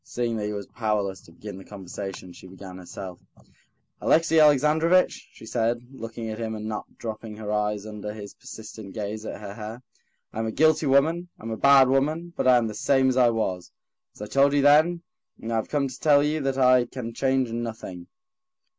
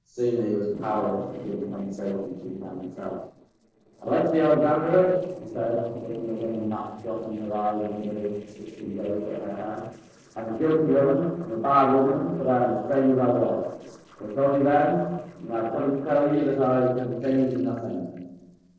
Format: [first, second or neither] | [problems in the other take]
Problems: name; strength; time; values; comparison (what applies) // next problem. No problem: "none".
first | noise reduction (neural separator model SepFormer DNS4)